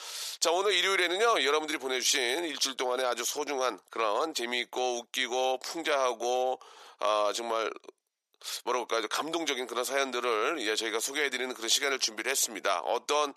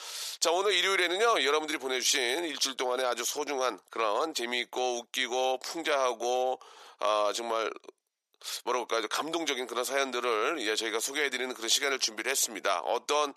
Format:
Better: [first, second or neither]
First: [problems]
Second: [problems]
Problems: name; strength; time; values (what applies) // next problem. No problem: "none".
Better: neither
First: thin; very; fading below 450 Hz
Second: thin; very; fading below 450 Hz